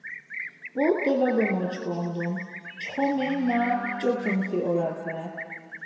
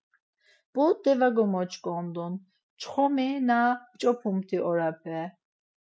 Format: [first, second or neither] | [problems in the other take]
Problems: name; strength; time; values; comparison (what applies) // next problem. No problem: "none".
second | background sound (Livestock, farm animals, working animals); 10 dB below the speech // room echo; dies away in 2.2 s